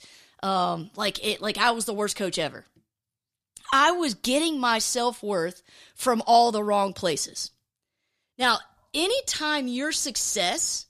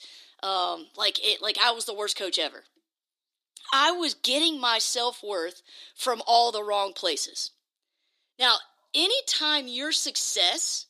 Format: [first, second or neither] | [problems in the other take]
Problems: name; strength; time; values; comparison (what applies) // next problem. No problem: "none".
first | thin; somewhat; fading below 300 Hz